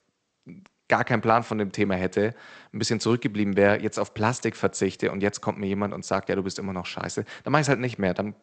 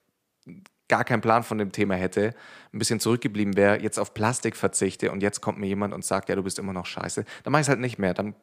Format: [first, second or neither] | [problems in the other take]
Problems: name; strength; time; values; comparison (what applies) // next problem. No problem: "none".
second | garbled, watery; slightly; nothing above 8 kHz